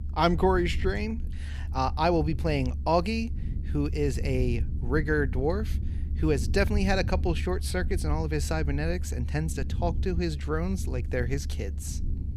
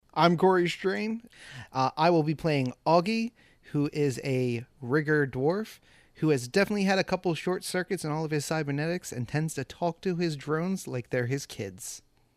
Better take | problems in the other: second | low rumble; noticeable; throughout; 20 dB below the speech

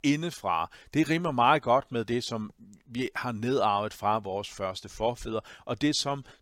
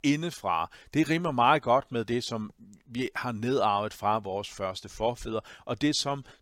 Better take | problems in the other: neither | none

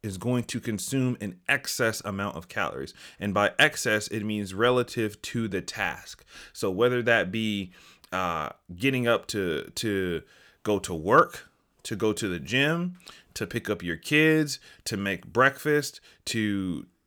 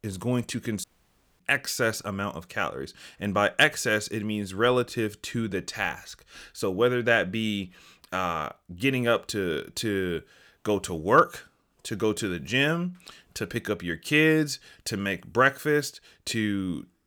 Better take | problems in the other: first | audio cutting out; at 1 s for 0.5 s

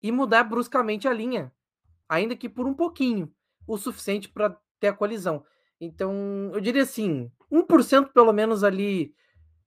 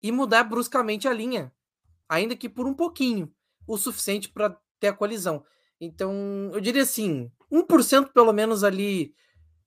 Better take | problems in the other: second | muffled; slightly; fading above 4 kHz

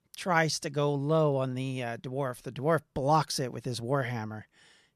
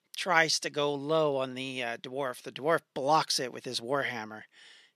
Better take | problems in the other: first | thin; somewhat; fading below 250 Hz

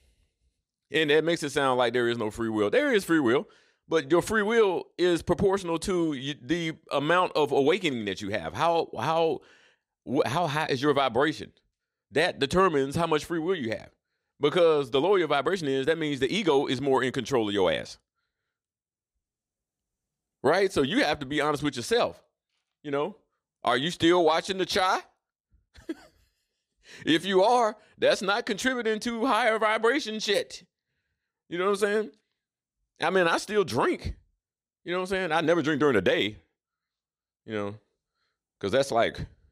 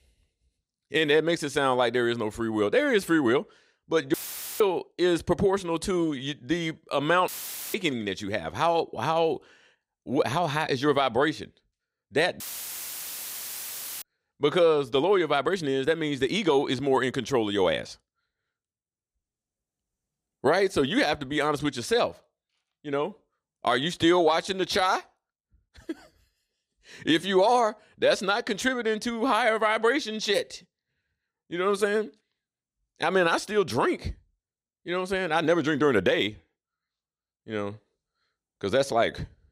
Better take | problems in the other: first | audio cutting out; filled with static; at 4 s, at 7.5 s and at 12 s for 1.5 s

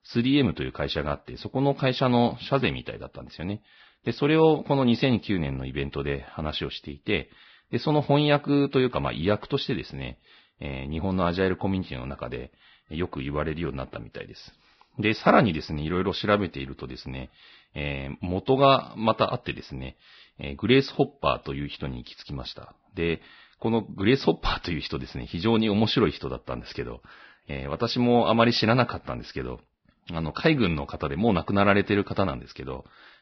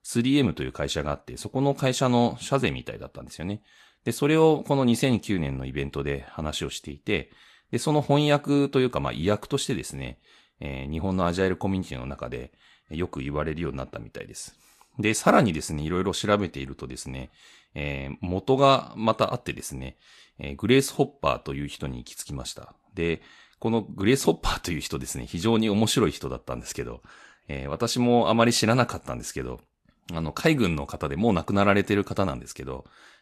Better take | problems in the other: second | garbled, watery; badly; nothing above 5 kHz; slightly in the second

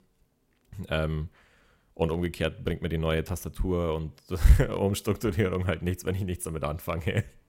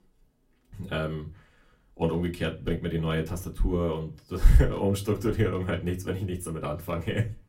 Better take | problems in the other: first | off-mic speech; far // room echo; very slight; dies away in 0.2 s

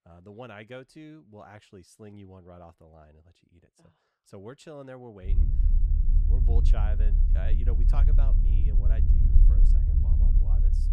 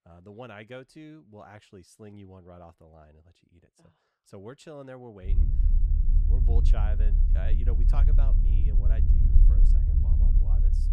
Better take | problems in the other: neither | low rumble; loud; from 5.5 s on; as loud as the speech; the same in both

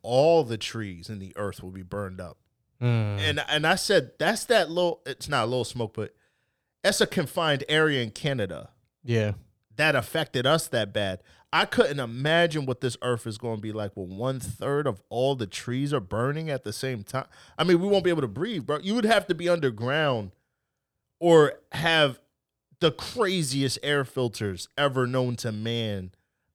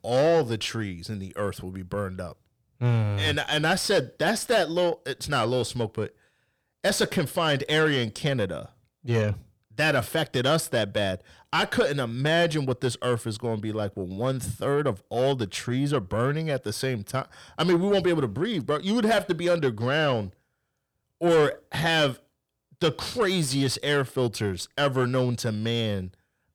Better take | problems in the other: first | distortion; slight; 10 dB below the speech

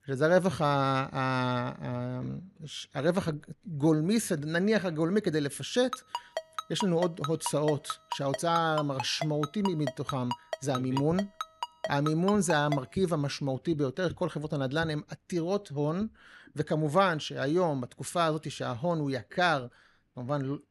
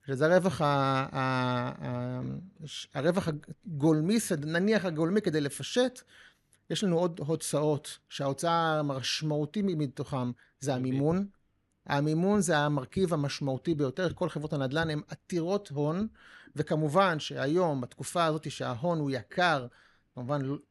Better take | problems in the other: second | phone ringing; noticeable; from 6 to 13 s; peak 8 dB below the speech

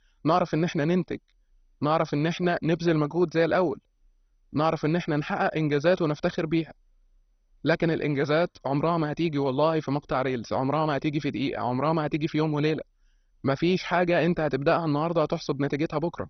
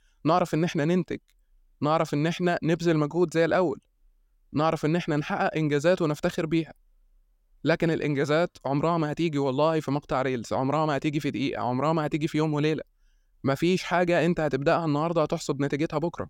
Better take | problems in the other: second | garbled, watery; badly; nothing above 6 kHz

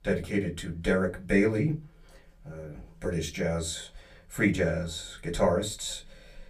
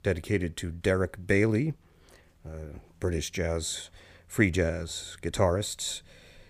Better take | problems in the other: second | off-mic speech; far // room echo; very slight; dies away in 0.2 s

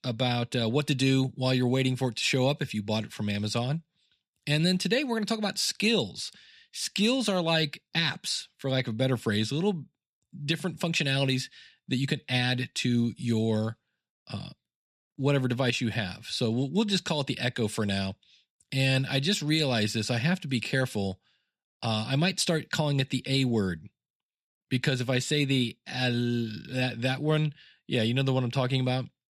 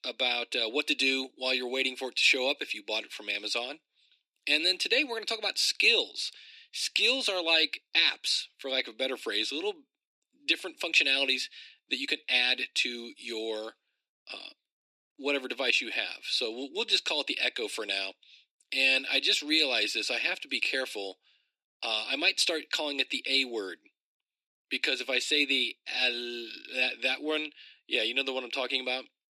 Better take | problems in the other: first | thin; somewhat; fading below 300 Hz

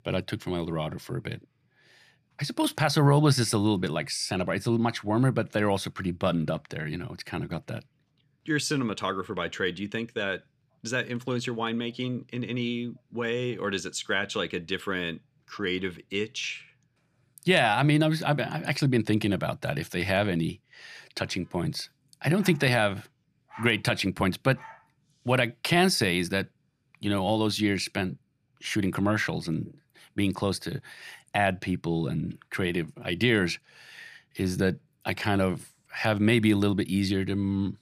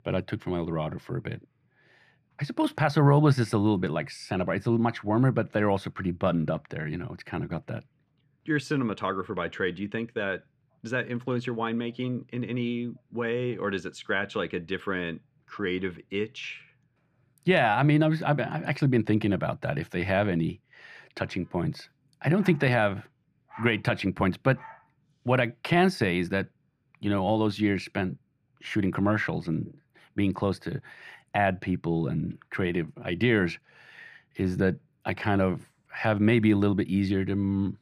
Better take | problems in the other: first | muffled; slightly; fading above 3.5 kHz

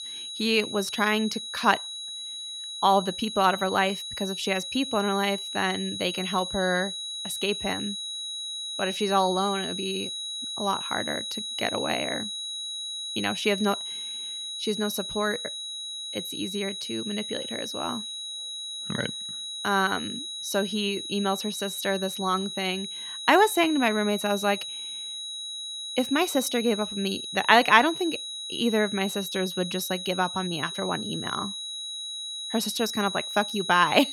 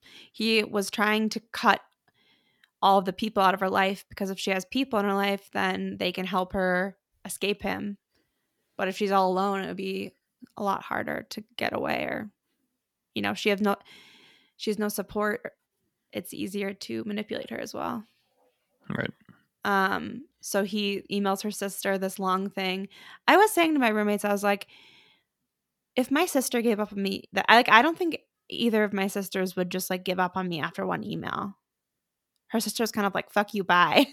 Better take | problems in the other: second | high-pitched whine; loud; throughout; 4 kHz, 6 dB below the speech

